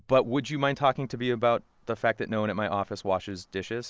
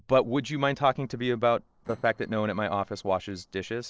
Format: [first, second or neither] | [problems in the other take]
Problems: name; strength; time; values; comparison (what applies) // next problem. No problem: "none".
first | noise reduction (neural separator model SepFormer DNS4)